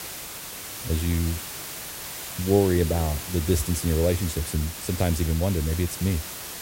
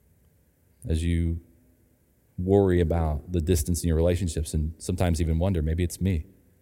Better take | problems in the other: second | hiss; loud; throughout; 8 dB below the speech

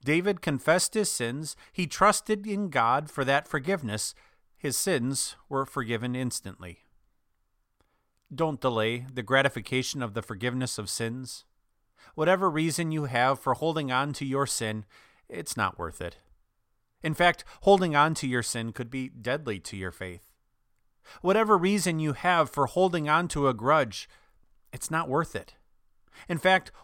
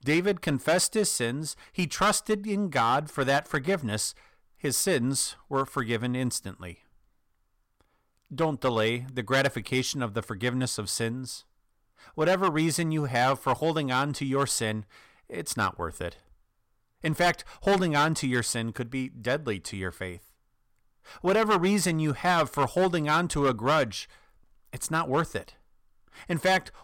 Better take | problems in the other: first | distortion; slight; 4% of the sound clipped

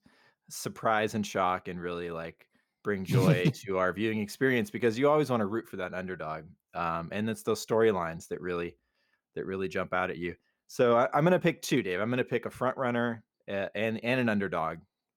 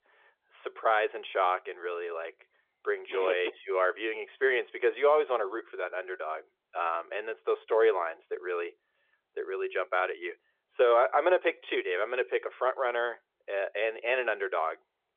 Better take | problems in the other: first | phone-call audio; nothing above 3.5 kHz

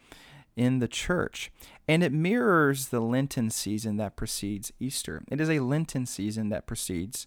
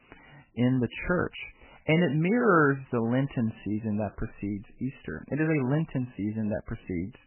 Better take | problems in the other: first | garbled, watery; badly; nothing above 3 kHz

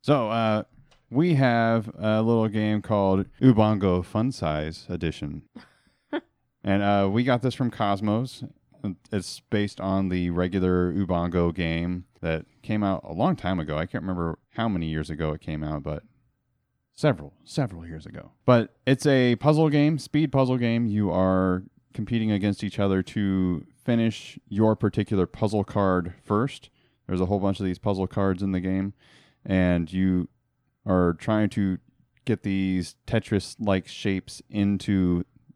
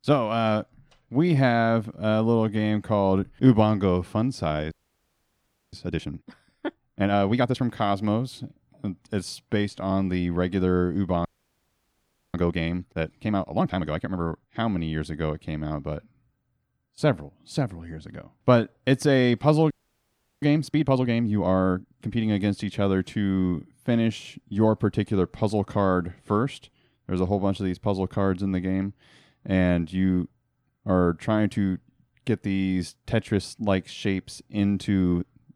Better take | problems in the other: first | audio freezing; at 4.5 s for 1 s, at 11 s for 1 s and at 20 s for 0.5 s

